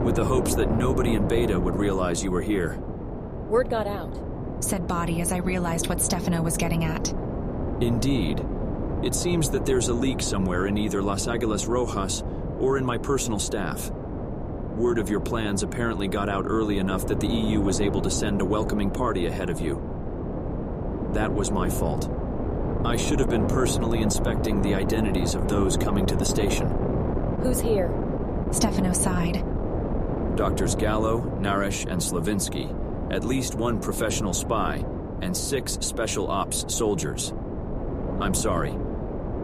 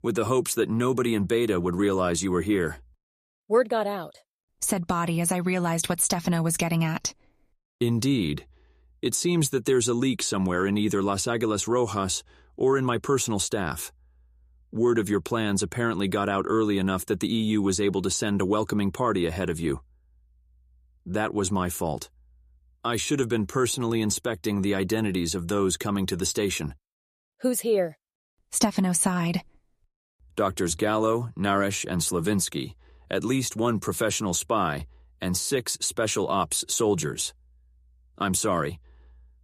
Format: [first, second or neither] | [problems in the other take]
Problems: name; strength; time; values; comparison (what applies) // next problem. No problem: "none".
second | wind noise on the microphone; heavy; 5 dB below the speech